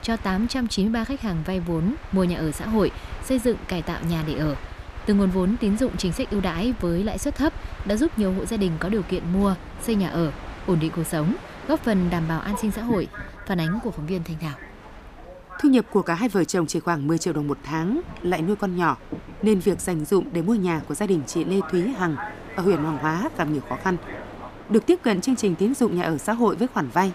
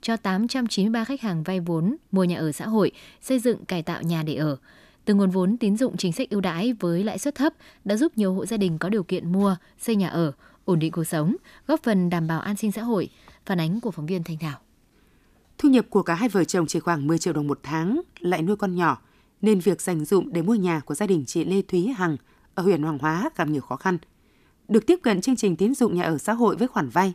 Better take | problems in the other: second | train or aircraft noise; noticeable; throughout; 15 dB below the speech

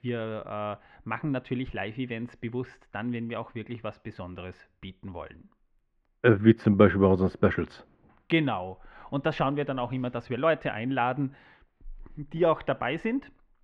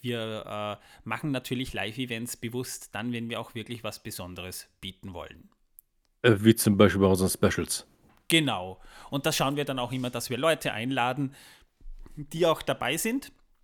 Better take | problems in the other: second | muffled; very; fading above 2 kHz

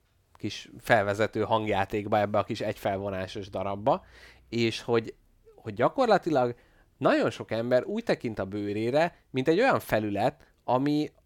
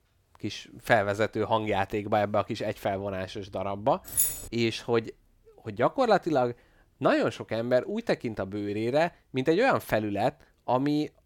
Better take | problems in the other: first | jangling keys; loud; at 4 s; peak 3 dB above the speech

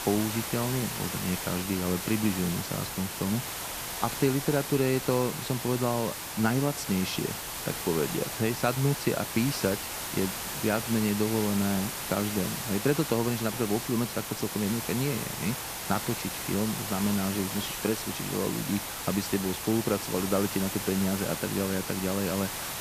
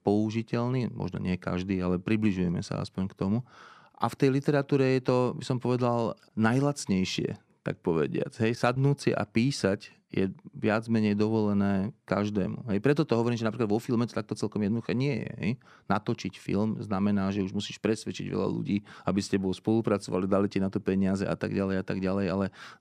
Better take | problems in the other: second | hiss; loud; throughout; 4 dB below the speech

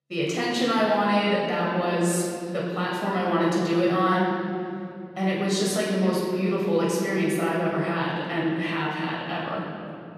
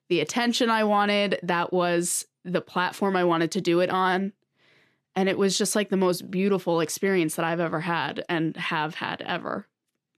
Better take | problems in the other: second | off-mic speech; far // room echo; noticeable; dies away in 2.9 s

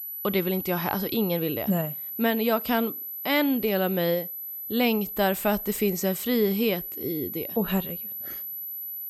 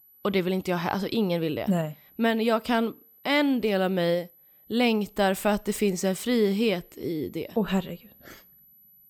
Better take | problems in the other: second | high-pitched whine; loud; throughout; 12 kHz, 6 dB below the speech; faint in the second

